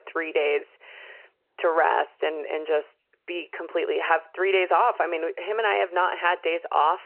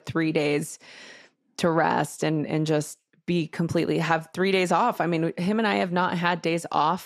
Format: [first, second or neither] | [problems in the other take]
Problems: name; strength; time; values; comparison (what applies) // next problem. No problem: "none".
second | phone-call audio; nothing above 3 kHz